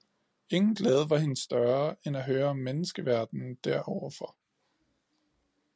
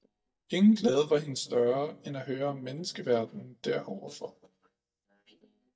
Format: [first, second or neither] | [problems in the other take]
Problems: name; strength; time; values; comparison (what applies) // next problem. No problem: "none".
first | noise reduction (neural mask model DeepFilterNet 3)